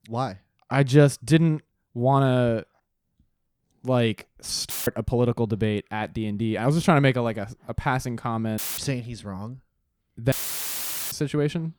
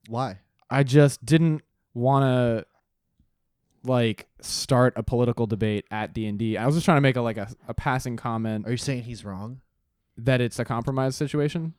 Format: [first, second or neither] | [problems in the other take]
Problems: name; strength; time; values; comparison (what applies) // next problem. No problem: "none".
second | audio cutting out; filled with static; at 4.5 s, at 8.5 s and at 10 s for 1 s